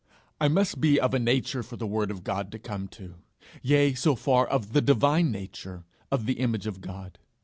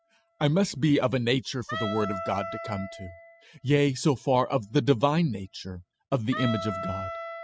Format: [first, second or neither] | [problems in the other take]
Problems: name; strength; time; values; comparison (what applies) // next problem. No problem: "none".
first | noise reduction (classical method spectral subtraction)